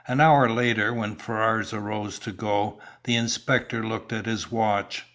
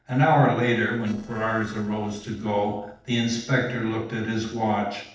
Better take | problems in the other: first | noise reduction (neural separator model SepFormer DNS4)

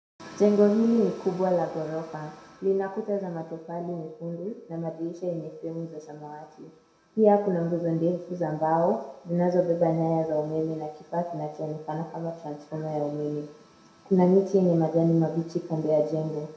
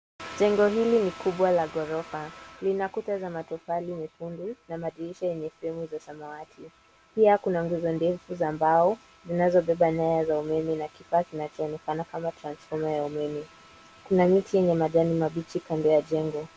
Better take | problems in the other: second | room echo; dies away in 0.6 s

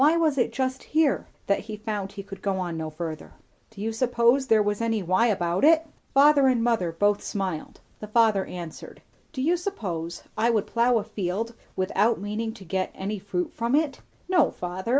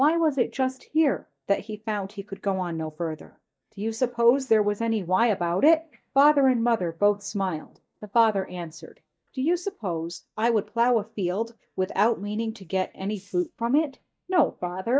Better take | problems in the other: first | noise reduction (neural mask model DeepFilterNet 3)

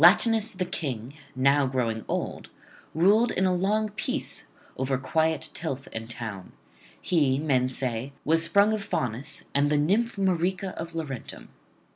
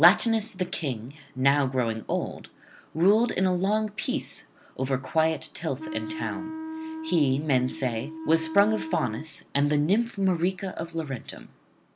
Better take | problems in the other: first | background sound (Wind instrument, woodwind instrument); 9 dB below the speech

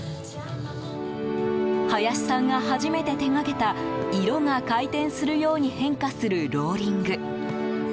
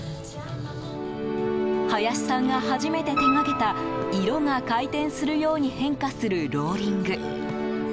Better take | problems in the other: first | background sound (Burping, eructation + Piano); 10 dB below the speech

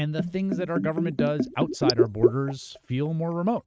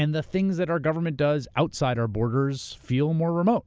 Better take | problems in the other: second | noise reduction (neural mask model RNNoise)

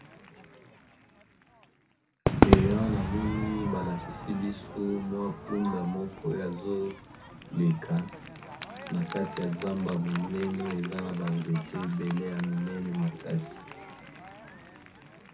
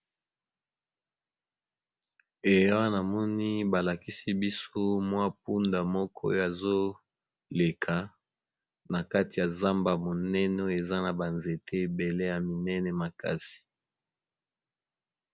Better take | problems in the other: second | background sound (Crowd / Fireworks); 2 dB below the speech // room echo; dies away in 0.3 s

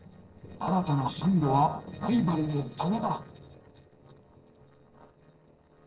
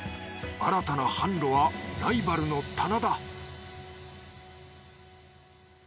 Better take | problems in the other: second | noise reduction (neural separator model SepFormer DNS4)

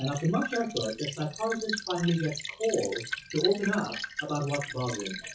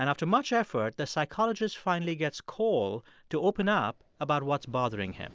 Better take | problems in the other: second | noise reduction (classical method WPE with log-MMSE)

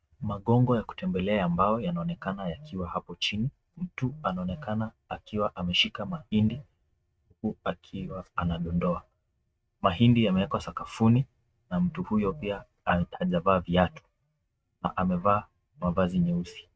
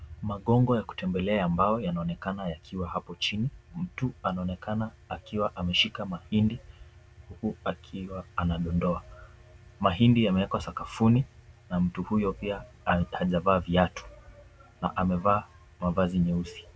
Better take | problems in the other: second | noise reduction (neural mask model RNNoise)

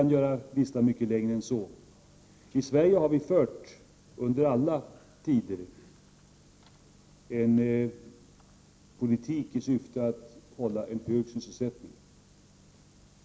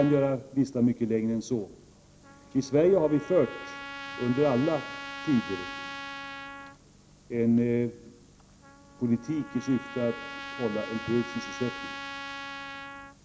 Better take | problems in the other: first | background sound (Trumpet); 13 dB below the speech

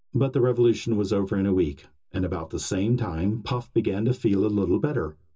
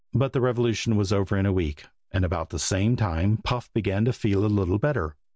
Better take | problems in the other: second | room echo; dies away in 0.2 s

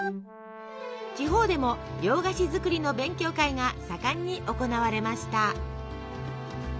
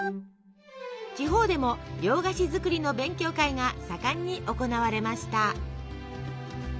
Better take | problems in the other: second | background sound (Brass instrument); 16 dB below the speech

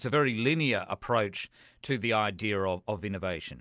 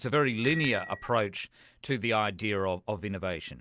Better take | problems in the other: first | background sound (Bicycle bell); 14 dB below the speech

